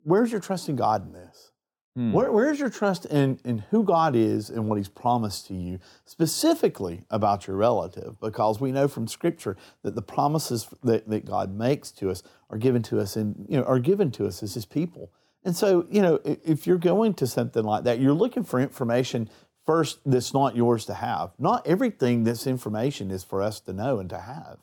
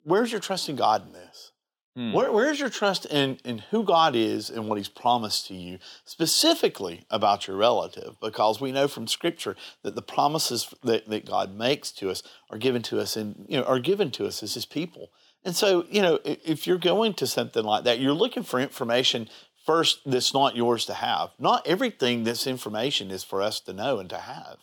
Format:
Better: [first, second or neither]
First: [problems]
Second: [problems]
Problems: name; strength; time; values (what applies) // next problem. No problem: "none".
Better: first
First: none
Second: thin; very slightly; fading below 450 Hz